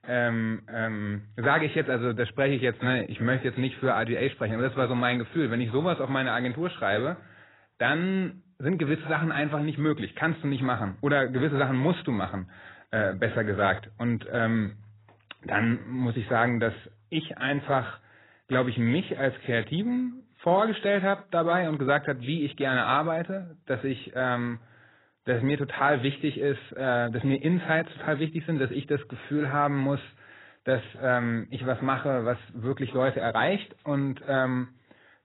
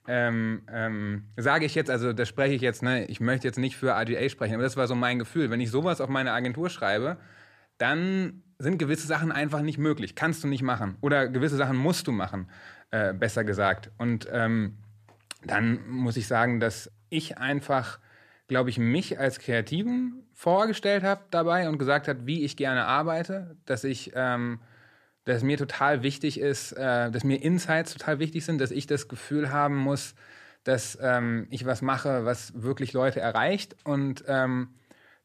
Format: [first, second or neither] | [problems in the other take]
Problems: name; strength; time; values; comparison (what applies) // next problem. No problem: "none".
second | garbled, watery; badly; nothing above 4 kHz